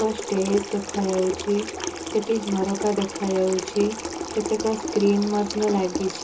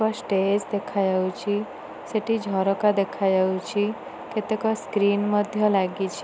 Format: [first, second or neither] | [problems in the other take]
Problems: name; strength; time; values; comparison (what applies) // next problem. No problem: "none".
second | background sound (Sink (filling or washing) / Water tap, faucet); 8 dB below the speech // room echo; dies away in 0.2 s